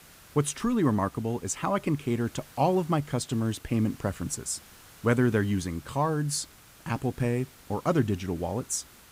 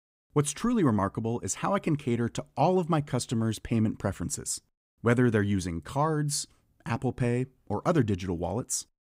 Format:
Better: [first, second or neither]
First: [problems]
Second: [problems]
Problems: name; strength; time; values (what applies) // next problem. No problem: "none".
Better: second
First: hiss; faint; throughout; 20 dB below the speech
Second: none